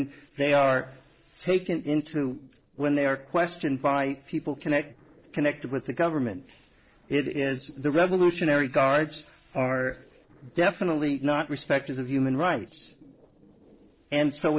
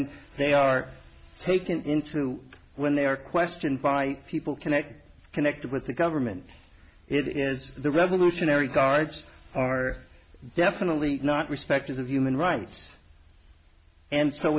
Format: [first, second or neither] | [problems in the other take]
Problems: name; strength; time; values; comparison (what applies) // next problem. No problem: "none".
second | noise reduction (neural separator model SepFormer DNS4)